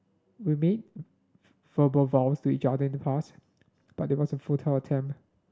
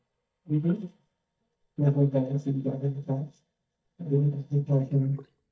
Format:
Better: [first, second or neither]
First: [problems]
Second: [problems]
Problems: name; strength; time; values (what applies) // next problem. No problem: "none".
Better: first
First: none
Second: noise reduction (neural mask model DeepFilterNet 3)